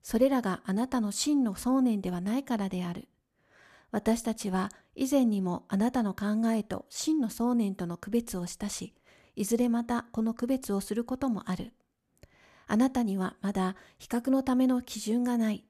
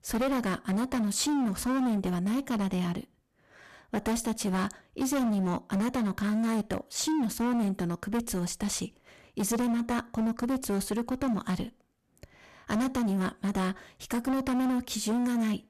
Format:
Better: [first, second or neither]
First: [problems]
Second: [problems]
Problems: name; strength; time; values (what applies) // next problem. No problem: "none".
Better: first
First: none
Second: distortion; heavy; 24% of the sound clipped